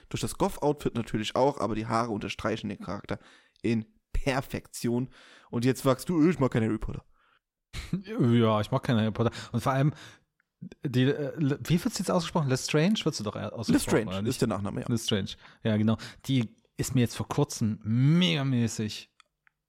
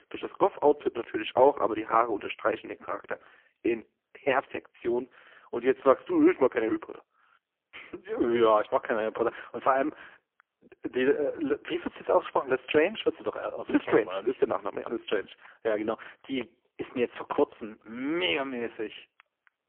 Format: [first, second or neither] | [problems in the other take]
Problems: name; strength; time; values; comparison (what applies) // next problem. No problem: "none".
first | phone-call audio; poor line; nothing above 3 kHz